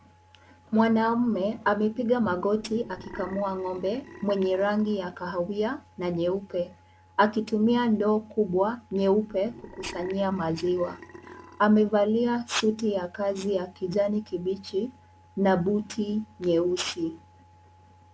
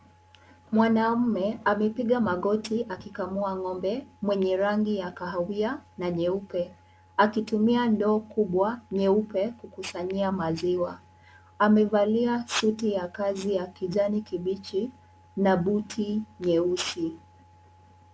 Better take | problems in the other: second | background sound (Burping, eructation); 19 dB below the speech

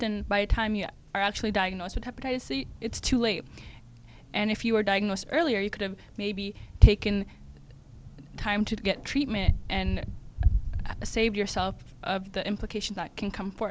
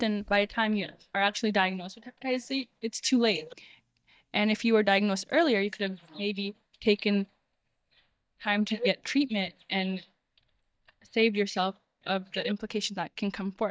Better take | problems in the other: first | noise reduction (neural mask model DeepFilterNet 3)

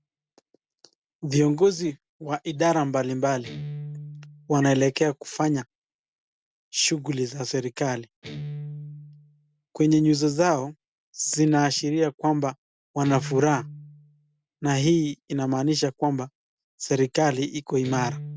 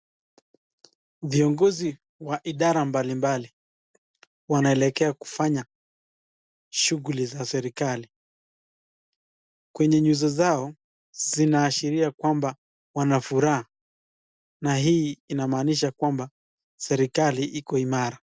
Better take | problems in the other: second | background sound (Guitar); 17 dB below the speech

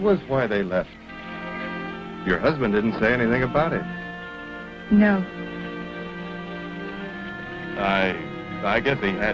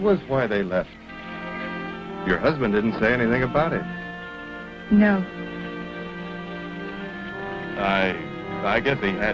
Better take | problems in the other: first | background sound (Brass instrument); 14 dB below the speech

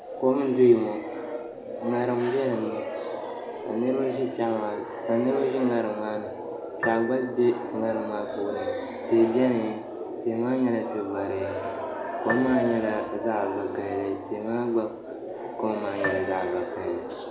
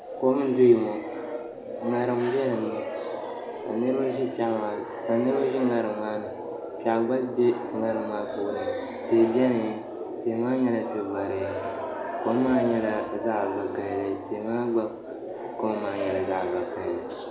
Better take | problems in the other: second | background sound (Piano); 11 dB below the speech

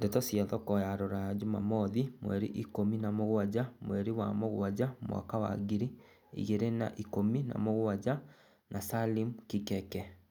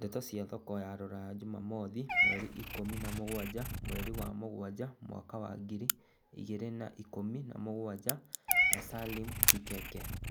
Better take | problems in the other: first | background sound (Meow / Purr + Crack); 4 dB above the speech

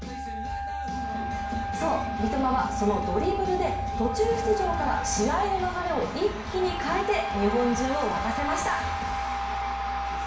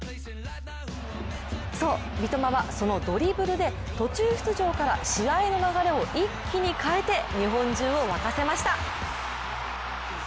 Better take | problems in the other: second | background sound (Wind instrument, woodwind instrument); 5 dB below the speech // room echo; dies away in 0.6 s

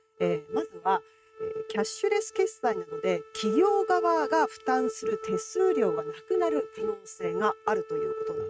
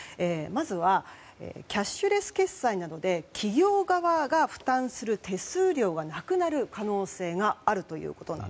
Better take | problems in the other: second | noise reduction (neural mask model RNNoise)

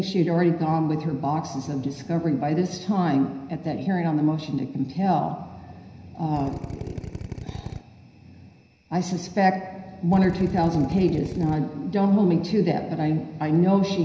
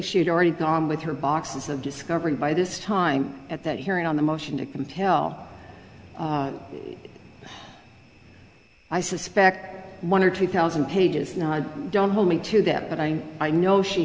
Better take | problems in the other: second | background sound (Drill); 10 dB below the speech // room echo; dies away in 0.9 s

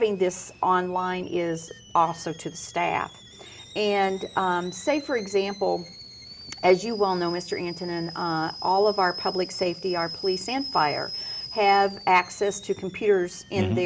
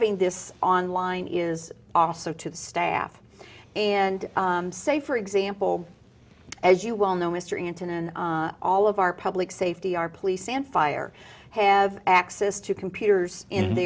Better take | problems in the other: second | background sound (Boiling / Alarm); 15 dB below the speech

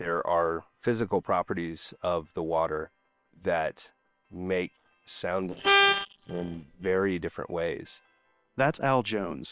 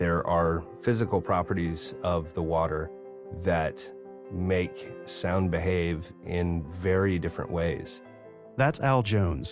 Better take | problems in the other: second | noise reduction (neural separator model SepFormer WHAM!)

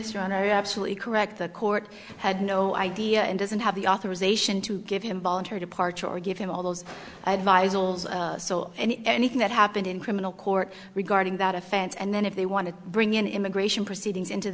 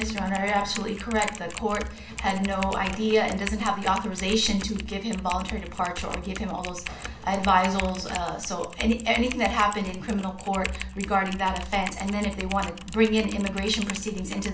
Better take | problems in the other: first | background sound (Typing); 9 dB below the speech // room echo; dies away in 0.4 s

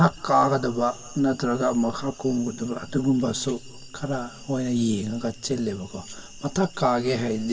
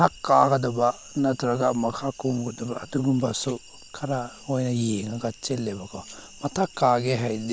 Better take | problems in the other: second | room echo; dies away in 1.5 s

